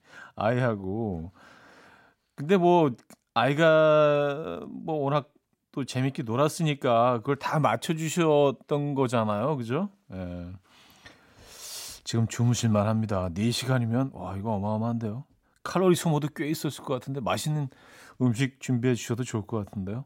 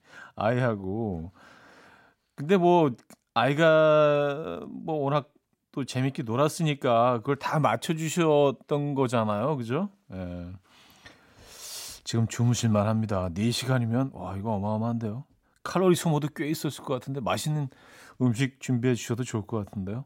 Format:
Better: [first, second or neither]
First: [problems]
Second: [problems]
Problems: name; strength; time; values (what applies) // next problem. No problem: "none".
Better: neither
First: none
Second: none